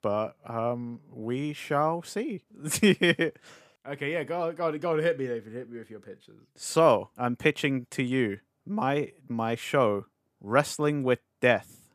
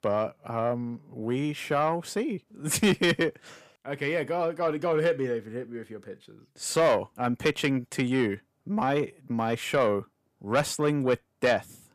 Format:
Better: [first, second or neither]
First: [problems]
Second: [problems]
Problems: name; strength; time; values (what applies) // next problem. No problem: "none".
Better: first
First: none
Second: distortion; slight; 10 dB below the speech